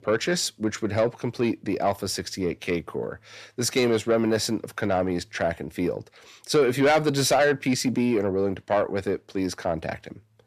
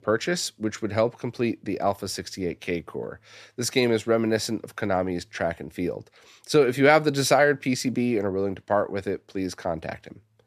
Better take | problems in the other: second | distortion; slight; 10 dB below the speech

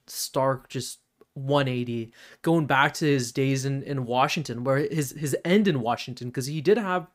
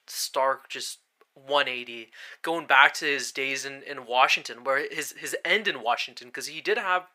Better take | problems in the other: first | thin; very; fading below 650 Hz

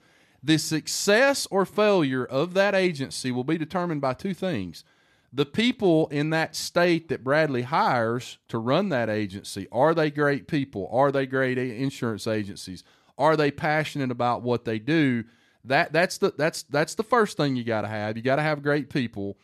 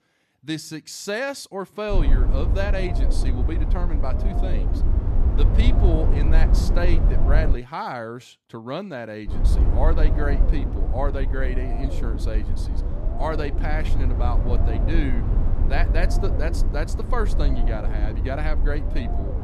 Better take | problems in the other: first | low rumble; loud; from 2 to 7.5 s and from 9.5 s on; 6 dB below the speech

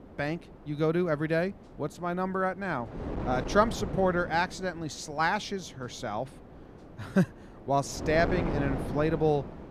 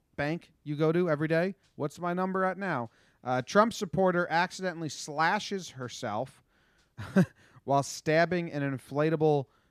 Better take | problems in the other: second | wind noise on the microphone; heavy; 10 dB below the speech

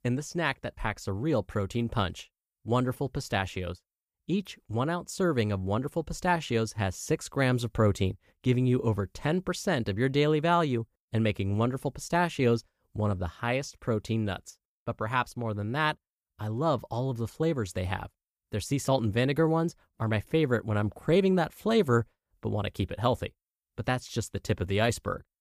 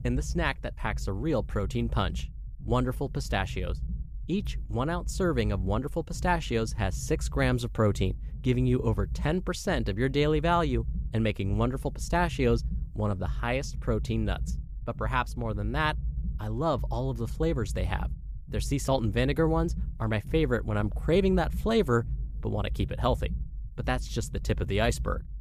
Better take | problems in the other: first | low rumble; faint; throughout; 20 dB below the speech

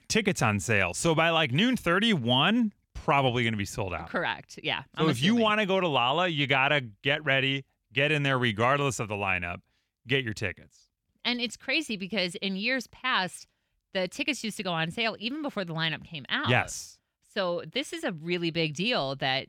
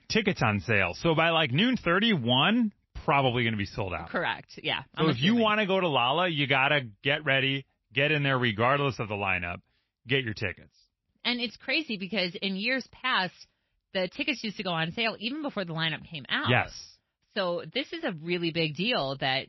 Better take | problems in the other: first | garbled, watery; slightly; nothing above 5.5 kHz

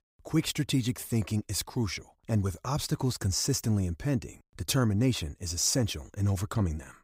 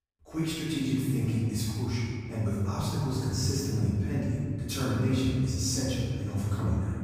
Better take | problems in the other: first | room echo; strong; dies away in 2.3 s // off-mic speech; far

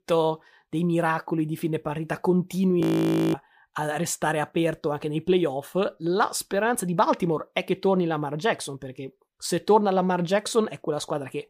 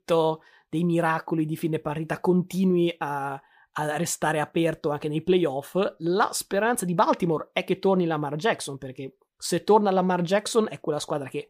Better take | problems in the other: second | audio freezing; at 3 s for 0.5 s

